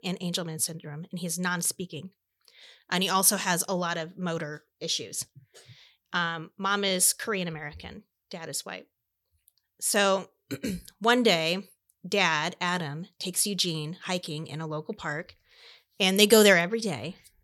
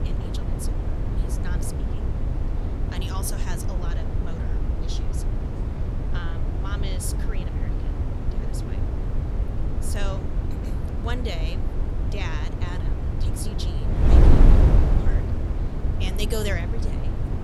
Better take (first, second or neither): first